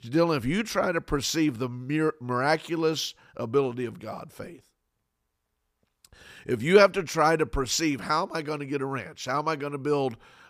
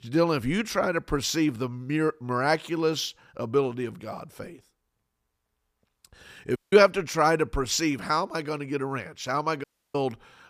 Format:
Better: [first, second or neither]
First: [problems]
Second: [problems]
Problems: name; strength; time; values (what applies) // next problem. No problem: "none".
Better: first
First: none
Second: audio cutting out; at 6.5 s and at 9.5 s